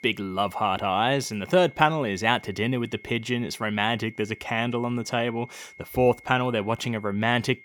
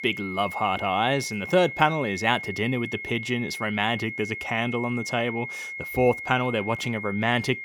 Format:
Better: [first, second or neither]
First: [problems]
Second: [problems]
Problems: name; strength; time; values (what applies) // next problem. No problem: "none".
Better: first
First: high-pitched whine; faint; throughout; 2 kHz, 20 dB below the speech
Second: high-pitched whine; loud; throughout; 2 kHz, 8 dB below the speech